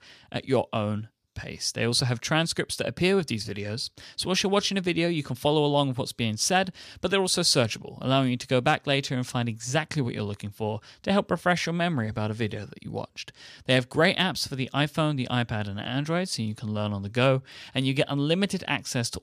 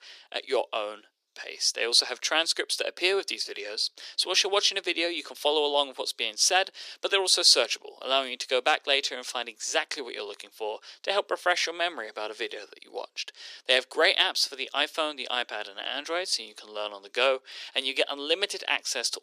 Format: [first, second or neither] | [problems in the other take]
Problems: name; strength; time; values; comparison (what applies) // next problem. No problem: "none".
first | thin; very; fading below 350 Hz